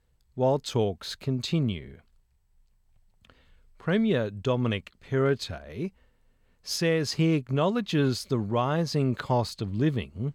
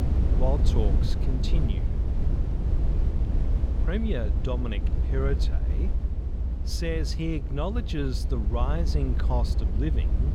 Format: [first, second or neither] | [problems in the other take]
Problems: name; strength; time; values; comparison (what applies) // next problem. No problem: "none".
first | low rumble; loud; throughout; 7 dB below the speech